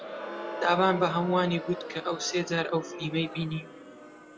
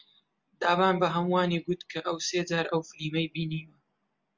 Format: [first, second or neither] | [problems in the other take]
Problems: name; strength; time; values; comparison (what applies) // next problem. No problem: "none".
second | background sound (Crowd); 10 dB below the speech